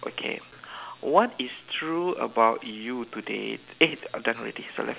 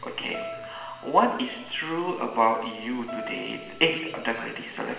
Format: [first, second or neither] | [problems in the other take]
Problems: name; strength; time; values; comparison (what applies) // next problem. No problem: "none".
first | background sound (Keyboard (musical)); 13 dB below the speech // room echo; dies away in 1 s